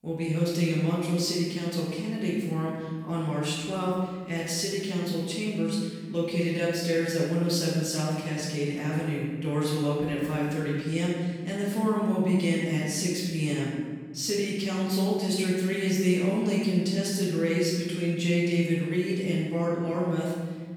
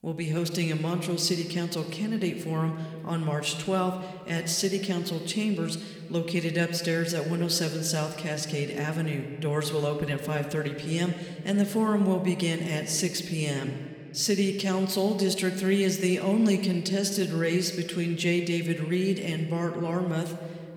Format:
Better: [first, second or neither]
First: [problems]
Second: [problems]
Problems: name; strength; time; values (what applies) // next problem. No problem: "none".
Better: second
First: room echo; strong; dies away in 1.5 s // off-mic speech; far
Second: room echo; slight; dies away in 1.6 s